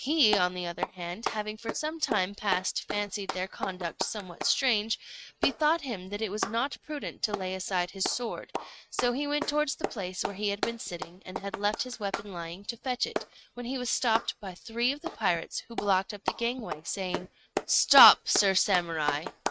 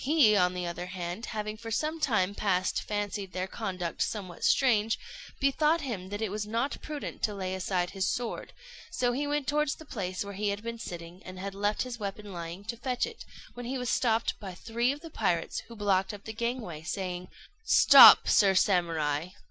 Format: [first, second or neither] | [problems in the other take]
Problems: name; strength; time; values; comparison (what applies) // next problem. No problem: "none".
second | noise reduction (neural mask model RNNoise)